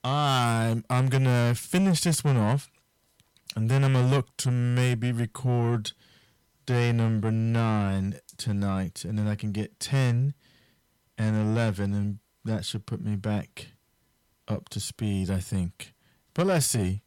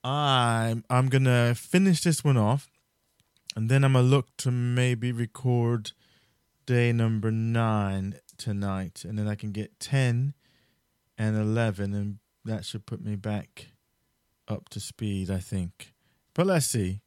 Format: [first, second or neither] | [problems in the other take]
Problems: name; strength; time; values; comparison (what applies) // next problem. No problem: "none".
second | distortion; slight; 10 dB below the speech